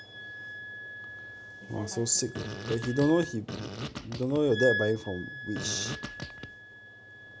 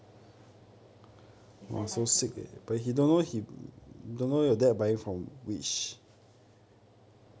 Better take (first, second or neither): second